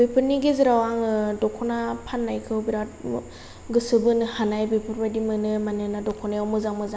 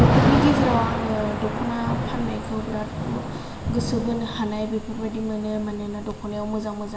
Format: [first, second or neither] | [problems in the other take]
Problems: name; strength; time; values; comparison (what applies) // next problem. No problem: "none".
first | background sound (Thunder / Rain); 1 dB above the speech // room echo; dies away in 0.4 s